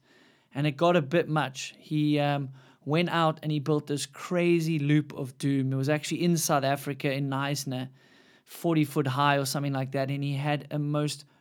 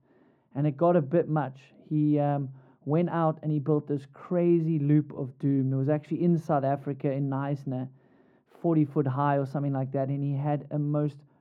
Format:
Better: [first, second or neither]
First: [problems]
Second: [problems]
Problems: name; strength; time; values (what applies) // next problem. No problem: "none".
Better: first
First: none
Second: muffled; very; fading above 2 kHz